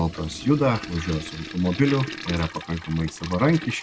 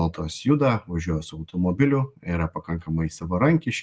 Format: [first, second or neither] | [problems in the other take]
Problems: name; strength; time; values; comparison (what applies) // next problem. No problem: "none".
second | background sound (Toilet flush); 13 dB below the speech